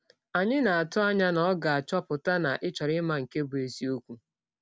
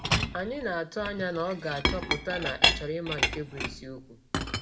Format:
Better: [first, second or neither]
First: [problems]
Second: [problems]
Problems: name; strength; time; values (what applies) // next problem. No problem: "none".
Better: first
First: none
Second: background sound (Chink, clink); 3 dB above the speech // room echo; dies away in 0.4 s